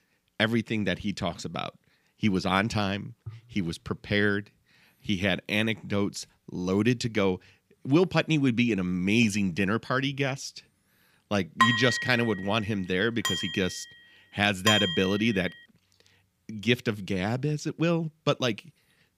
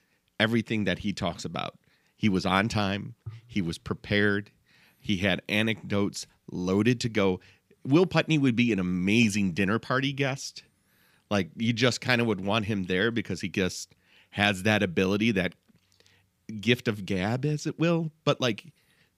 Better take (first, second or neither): second